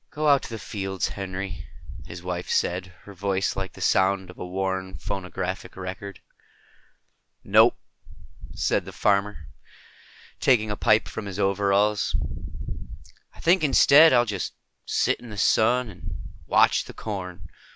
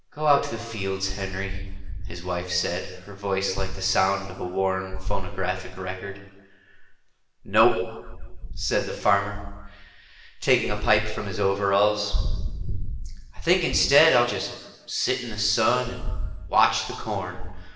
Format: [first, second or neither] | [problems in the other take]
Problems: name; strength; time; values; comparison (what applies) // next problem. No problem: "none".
first | room echo; dies away in 1.1 s